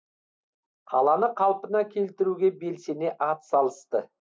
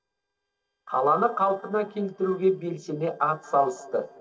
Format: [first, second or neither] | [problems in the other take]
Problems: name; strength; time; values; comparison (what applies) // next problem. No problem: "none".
first | noise reduction (neural separator model SepFormer DNS4)